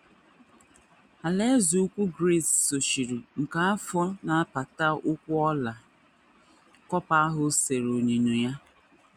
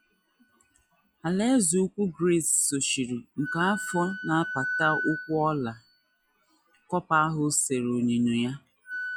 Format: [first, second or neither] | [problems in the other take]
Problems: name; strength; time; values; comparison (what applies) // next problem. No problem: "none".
first | noise reduction (classical method log-MMSE)